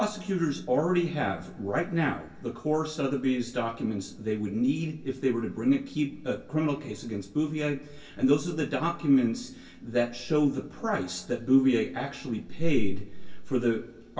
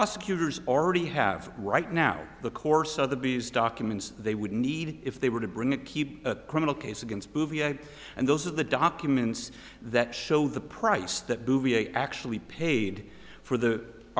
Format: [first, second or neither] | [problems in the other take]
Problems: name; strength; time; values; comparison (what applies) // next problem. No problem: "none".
second | room echo; dies away in 0.2 s